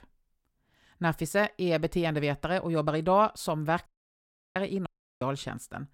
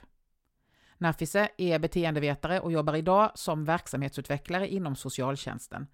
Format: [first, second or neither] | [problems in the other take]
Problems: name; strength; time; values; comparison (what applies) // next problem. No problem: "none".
second | audio cutting out; at 4 s for 0.5 s and at 5 s